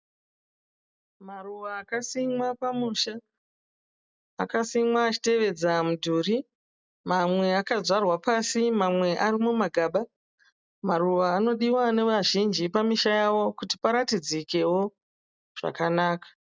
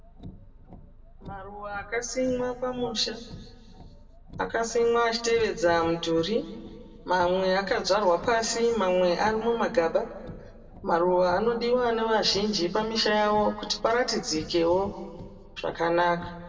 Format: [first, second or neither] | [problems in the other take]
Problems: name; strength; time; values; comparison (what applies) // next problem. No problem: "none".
first | background sound (Car); 19 dB below the speech // room echo; dies away in 1.3 s